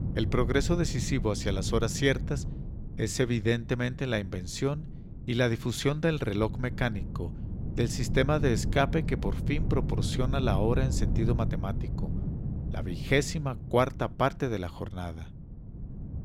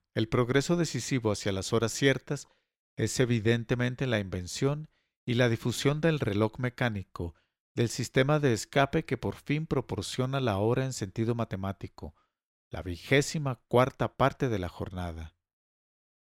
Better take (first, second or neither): second